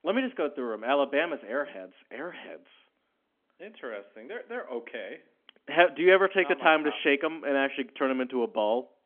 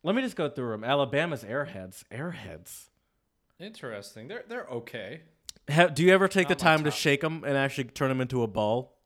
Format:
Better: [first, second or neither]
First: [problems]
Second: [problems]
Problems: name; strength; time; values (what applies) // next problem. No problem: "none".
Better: second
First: phone-call audio; nothing above 3.5 kHz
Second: none